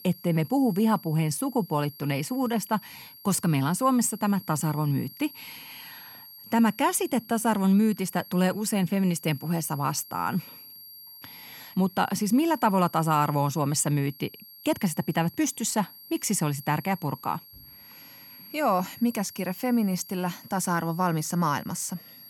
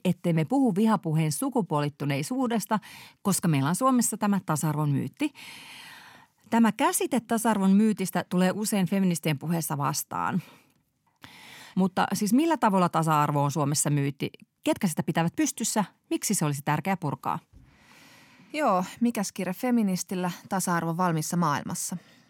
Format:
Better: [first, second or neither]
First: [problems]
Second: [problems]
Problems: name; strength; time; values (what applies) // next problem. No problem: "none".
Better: second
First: high-pitched whine; noticeable; throughout; 11.5 kHz, 20 dB below the speech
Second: none